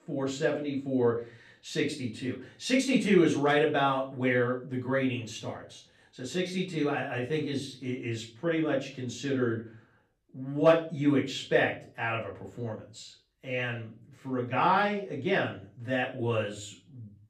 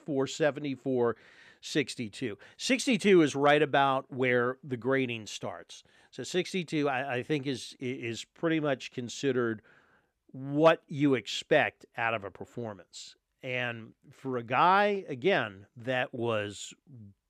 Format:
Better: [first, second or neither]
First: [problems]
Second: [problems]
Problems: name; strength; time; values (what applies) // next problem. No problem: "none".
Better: second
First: room echo; slight; dies away in 0.4 s // off-mic speech; far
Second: none